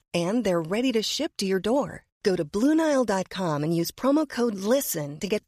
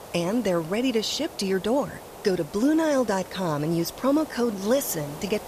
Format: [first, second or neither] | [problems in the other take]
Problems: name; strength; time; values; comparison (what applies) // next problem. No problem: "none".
first | hiss; noticeable; throughout; 15 dB below the speech